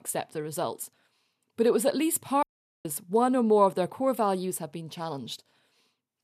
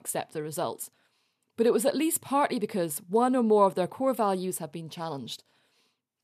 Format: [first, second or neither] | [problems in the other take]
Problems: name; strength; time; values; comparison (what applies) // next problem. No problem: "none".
second | audio cutting out; at 2.5 s